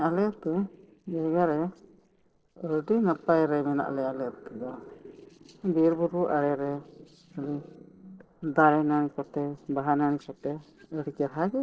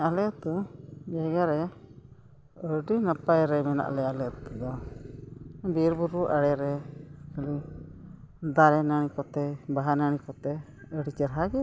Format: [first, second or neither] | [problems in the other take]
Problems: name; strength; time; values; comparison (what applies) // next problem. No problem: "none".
second | noise reduction (neural separator model SepFormer DNS4)